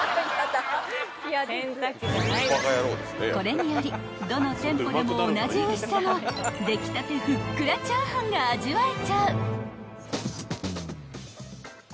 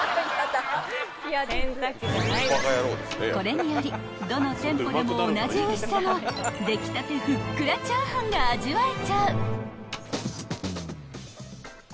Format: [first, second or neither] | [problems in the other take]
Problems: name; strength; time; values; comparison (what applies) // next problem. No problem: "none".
first | background sound (Slam); 10 dB below the speech